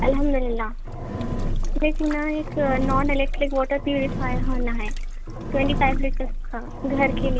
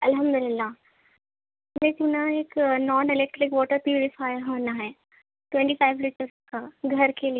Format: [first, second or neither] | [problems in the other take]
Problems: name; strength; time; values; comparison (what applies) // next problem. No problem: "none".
second | background sound (Engine); 1 dB above the speech